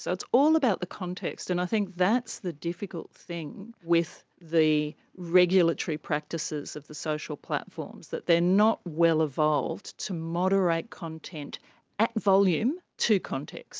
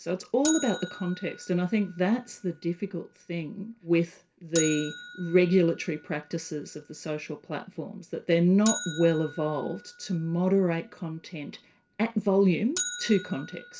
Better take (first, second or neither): first